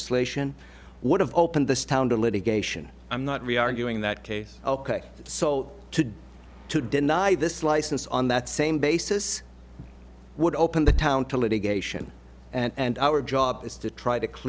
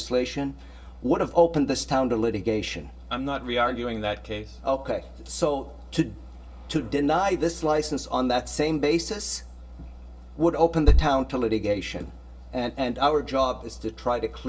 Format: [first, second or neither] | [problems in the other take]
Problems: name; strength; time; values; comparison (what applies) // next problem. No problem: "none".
first | room echo; dies away in 0.2 s